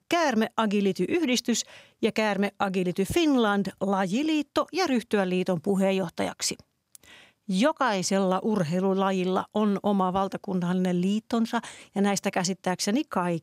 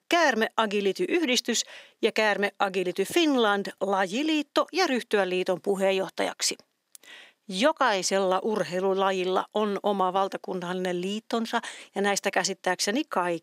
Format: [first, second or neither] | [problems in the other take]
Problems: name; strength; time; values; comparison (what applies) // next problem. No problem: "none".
first | thin; somewhat; fading below 350 Hz